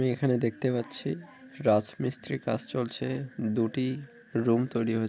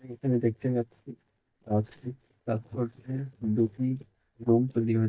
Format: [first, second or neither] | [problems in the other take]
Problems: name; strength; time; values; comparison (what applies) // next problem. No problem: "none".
first | noise reduction (neural mask model DeepFilterNet 3)